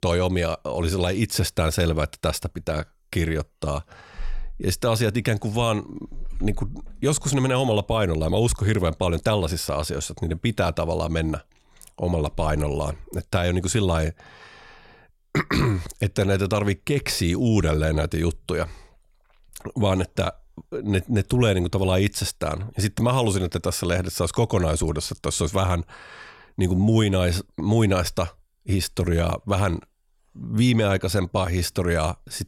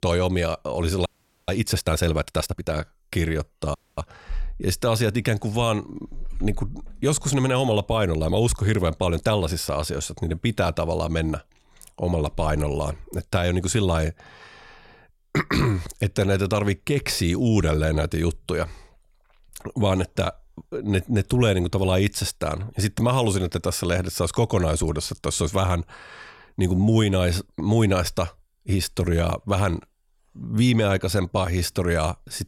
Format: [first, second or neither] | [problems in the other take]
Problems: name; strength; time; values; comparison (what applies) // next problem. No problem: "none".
first | audio freezing; at 1 s and at 3.5 s